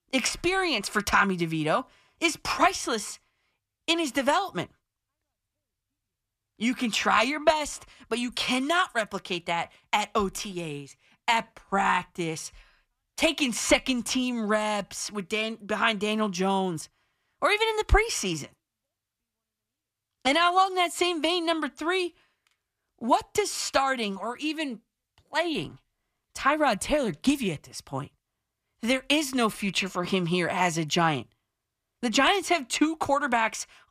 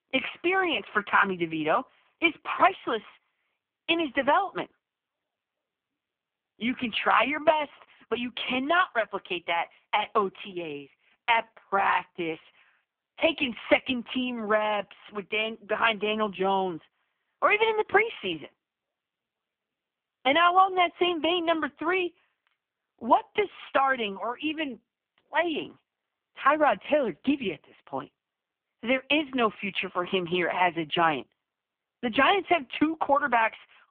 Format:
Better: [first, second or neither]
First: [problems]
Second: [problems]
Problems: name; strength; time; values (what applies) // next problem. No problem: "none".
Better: first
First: none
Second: phone-call audio; poor line; nothing above 3.5 kHz